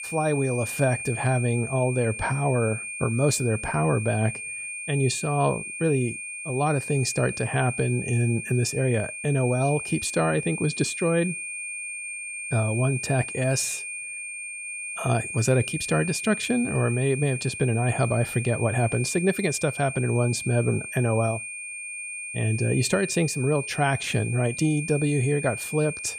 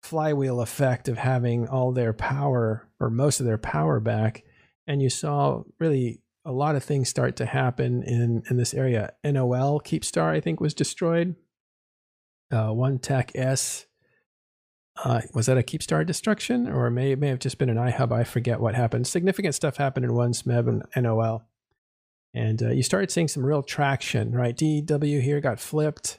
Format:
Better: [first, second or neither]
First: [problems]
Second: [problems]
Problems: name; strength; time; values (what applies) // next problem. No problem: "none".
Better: second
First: high-pitched whine; loud; throughout; 2.5 kHz, 7 dB below the speech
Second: none